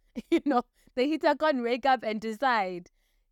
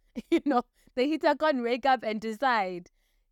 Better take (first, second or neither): neither